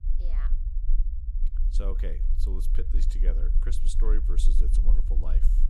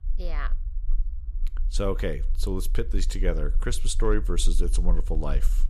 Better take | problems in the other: second | low rumble; loud; throughout; 7 dB below the speech; faint in the second

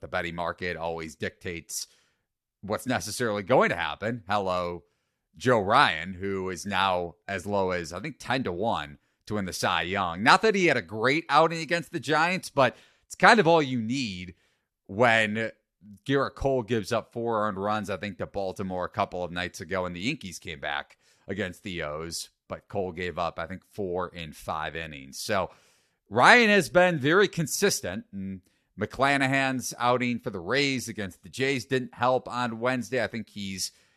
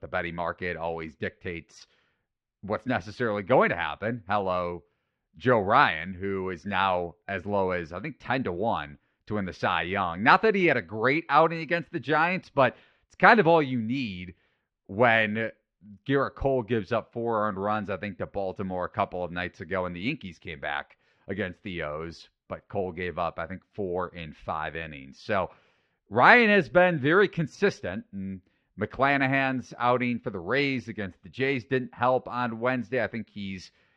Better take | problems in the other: first | muffled; slightly; fading above 3 kHz

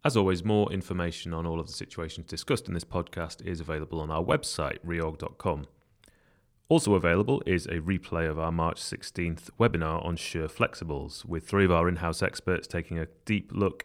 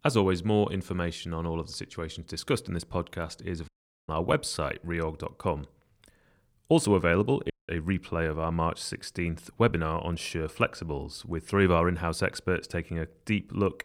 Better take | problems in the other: first | audio cutting out; at 3.5 s and at 7.5 s

